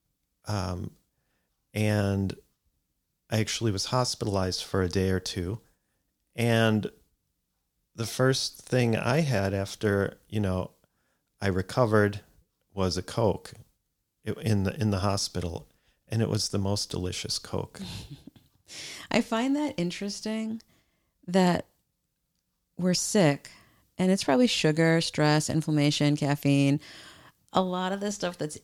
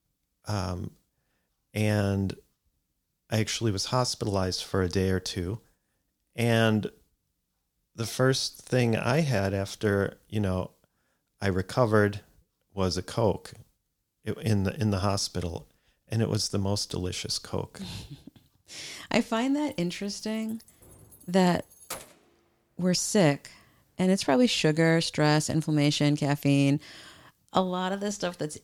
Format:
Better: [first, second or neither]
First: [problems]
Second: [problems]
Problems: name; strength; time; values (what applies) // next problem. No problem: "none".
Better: first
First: none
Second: jangling keys; faint; from 20 to 22 s; peak 10 dB below the speech